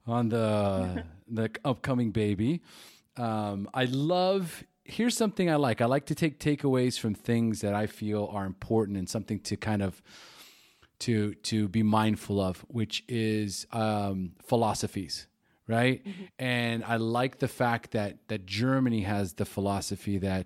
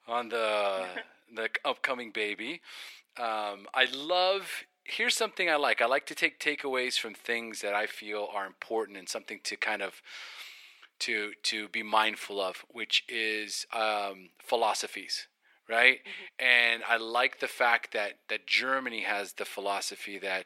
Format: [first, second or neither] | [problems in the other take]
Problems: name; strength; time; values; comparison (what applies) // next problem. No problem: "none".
first | thin; very; fading below 450 Hz